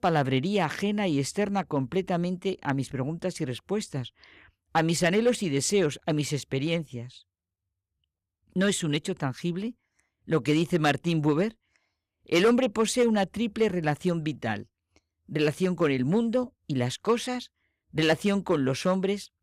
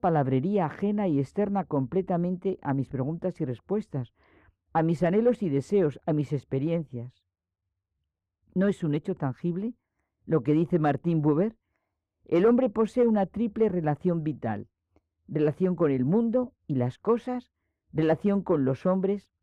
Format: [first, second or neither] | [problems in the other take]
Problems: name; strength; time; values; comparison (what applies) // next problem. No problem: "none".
first | muffled; very; fading above 2 kHz